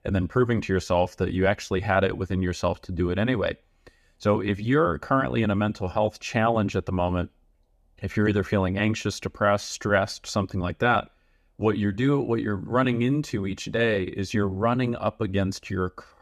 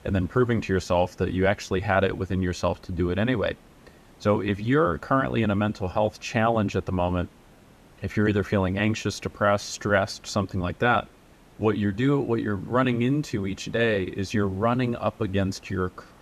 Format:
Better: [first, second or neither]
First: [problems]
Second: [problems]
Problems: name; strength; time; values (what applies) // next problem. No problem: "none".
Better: first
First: none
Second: hiss; faint; throughout; 30 dB below the speech